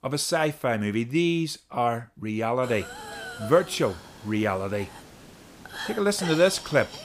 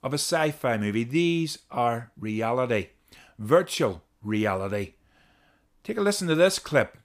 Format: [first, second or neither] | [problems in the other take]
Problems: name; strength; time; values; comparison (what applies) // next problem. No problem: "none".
second | hiss; noticeable; from 2.5 s on; 15 dB below the speech